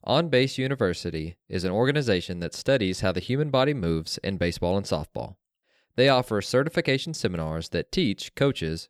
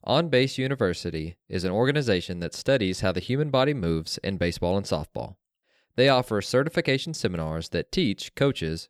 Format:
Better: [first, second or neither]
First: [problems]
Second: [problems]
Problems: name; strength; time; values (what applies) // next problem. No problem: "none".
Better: neither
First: none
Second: none